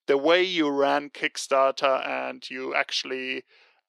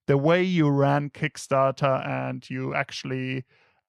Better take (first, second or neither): second